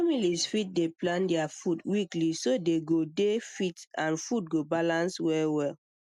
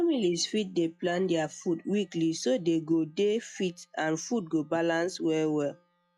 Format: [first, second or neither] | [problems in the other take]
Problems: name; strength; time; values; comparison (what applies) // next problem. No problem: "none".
first | noise reduction (classical method log-MMSE)